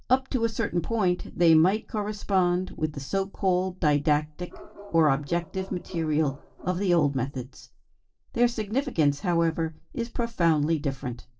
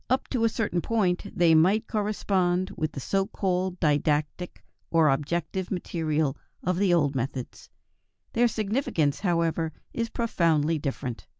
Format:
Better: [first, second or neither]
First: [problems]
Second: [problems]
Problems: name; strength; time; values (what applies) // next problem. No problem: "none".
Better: second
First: noise reduction (neural separator model SepFormer DNS4)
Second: none